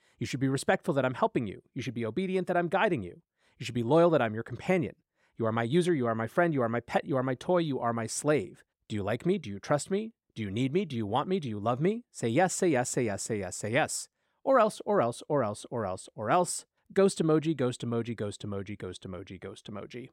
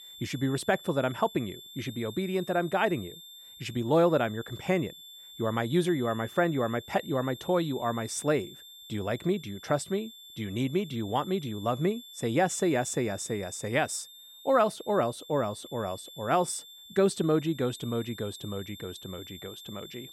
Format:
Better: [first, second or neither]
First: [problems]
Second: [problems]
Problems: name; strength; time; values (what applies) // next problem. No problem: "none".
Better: first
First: none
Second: high-pitched whine; noticeable; throughout; 3.5 kHz, 15 dB below the speech